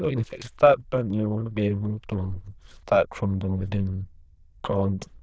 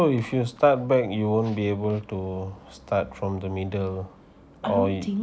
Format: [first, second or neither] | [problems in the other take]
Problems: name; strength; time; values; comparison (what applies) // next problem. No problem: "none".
second | noise reduction (neural diffusion model UNIVERSE++)